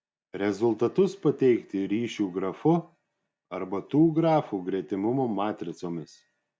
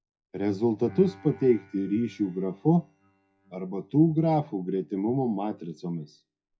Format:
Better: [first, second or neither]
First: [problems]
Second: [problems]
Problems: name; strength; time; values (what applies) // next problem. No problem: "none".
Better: first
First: none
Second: noise reduction (classical method WPE with log-MMSE)